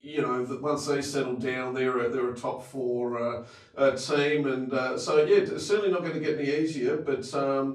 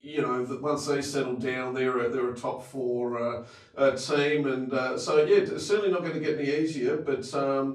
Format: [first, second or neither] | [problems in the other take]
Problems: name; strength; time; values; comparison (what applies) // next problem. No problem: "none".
neither | room echo; slight; dies away in 0.4 s; the same in both // off-mic speech; far; the same in both